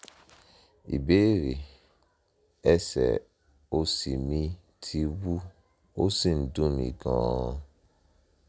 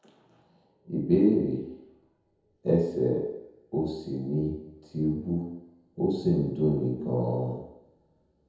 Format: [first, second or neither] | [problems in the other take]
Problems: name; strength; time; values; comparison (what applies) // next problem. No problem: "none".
first | background sound (Brass instrument); 15 dB below the speech // room echo; dies away in 1 s